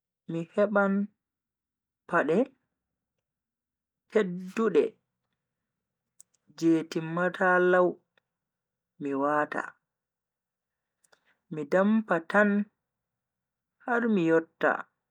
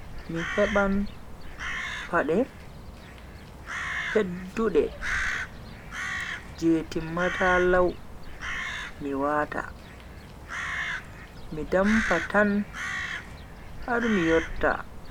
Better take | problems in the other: first | background sound (Crow); 6 dB below the speech

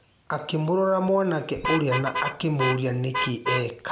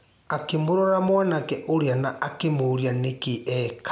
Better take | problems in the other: second | background sound (Vehicle horn, car horn, honking); 7 dB below the speech

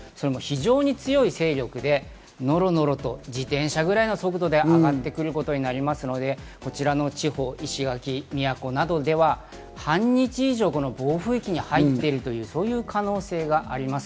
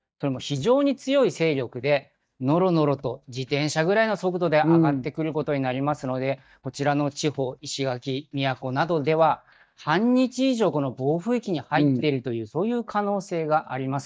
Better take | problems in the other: first | noise reduction (neural mask model DeepFilterNet 3)

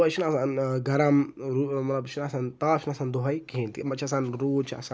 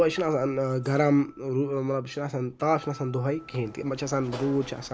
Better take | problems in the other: first | background sound (Acoustic guitar + Sliding door / Slam); 20 dB below the speech

